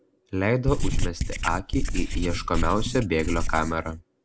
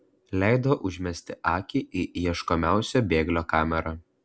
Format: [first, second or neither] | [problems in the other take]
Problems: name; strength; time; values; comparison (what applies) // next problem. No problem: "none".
second | background sound (Writing); 1 dB above the speech